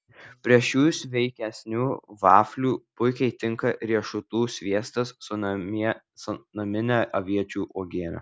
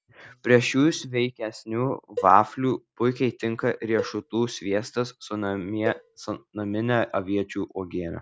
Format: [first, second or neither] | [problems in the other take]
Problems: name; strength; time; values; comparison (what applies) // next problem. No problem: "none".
first | background sound (Cowbell); 13 dB below the speech